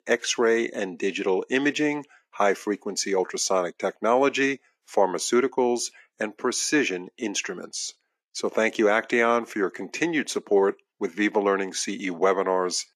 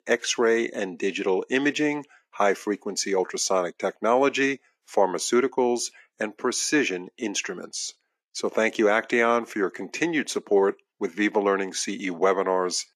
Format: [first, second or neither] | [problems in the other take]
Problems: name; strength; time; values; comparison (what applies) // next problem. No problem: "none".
neither | thin; very slightly; fading below 300 Hz; the same in both